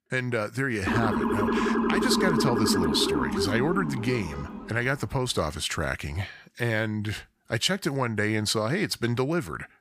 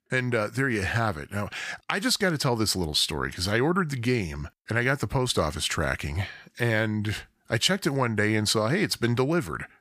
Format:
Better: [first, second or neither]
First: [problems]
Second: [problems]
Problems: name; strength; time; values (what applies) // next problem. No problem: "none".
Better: second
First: siren; loud; from 1 to 4.5 s; peak 3 dB above the speech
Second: none